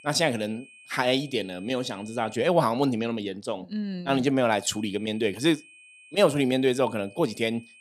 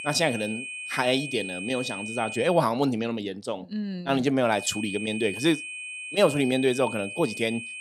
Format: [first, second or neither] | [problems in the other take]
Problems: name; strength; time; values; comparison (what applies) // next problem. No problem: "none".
first | high-pitched whine; loud; until 2.5 s and from 4.5 s on; 2.5 kHz, 8 dB below the speech; faint in the first